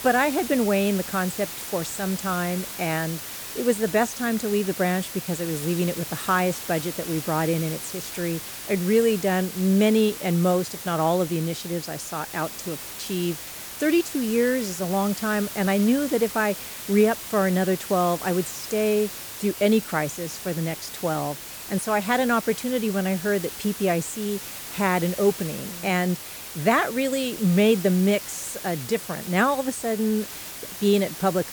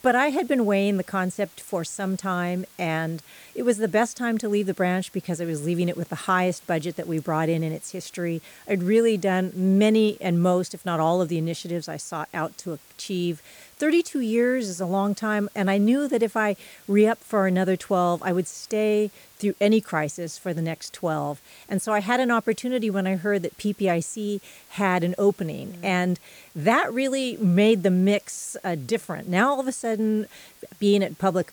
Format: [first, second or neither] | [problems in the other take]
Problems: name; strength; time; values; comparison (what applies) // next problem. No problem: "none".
second | hiss; loud; throughout; 9 dB below the speech; faint in the second